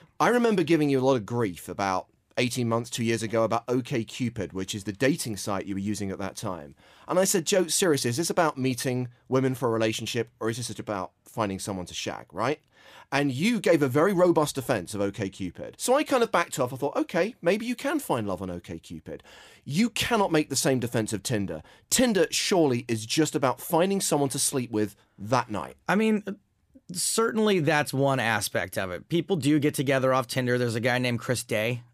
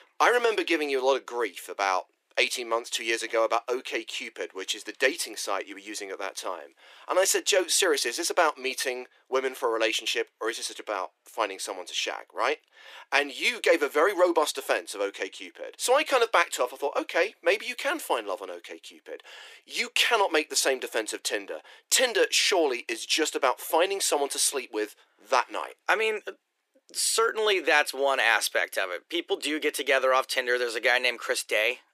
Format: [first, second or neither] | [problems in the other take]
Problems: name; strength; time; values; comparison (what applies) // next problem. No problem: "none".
first | thin; very; fading below 350 Hz